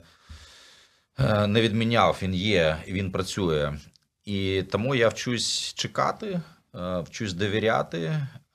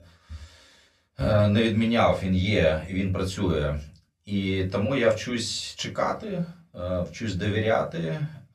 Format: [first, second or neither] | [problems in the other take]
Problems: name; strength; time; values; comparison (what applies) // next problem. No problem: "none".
first | off-mic speech; far // room echo; very slight; dies away in 0.2 s